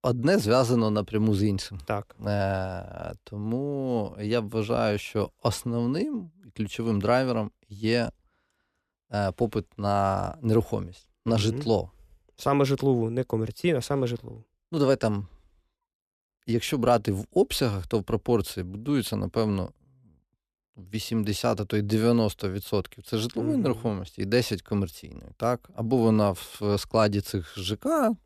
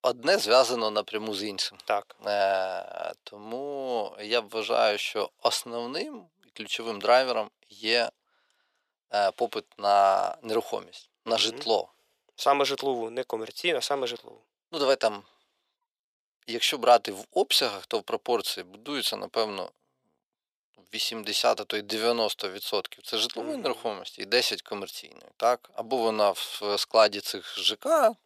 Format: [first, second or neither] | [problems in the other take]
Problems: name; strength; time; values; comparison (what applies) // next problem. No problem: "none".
first | thin; very; fading below 600 Hz